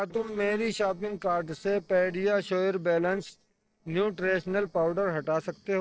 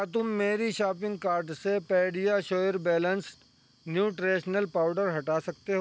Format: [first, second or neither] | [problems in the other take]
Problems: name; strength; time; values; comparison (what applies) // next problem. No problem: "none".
second | noise reduction (neural separator model SepFormer DNS4)